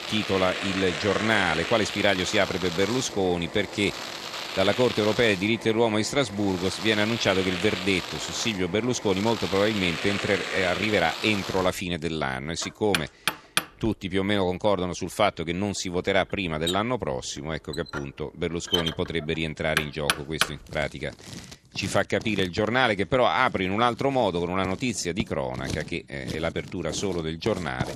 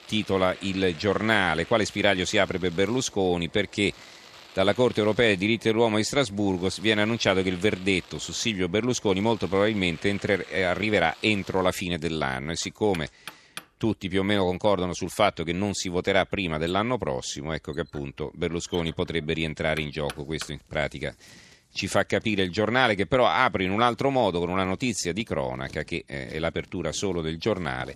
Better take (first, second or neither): second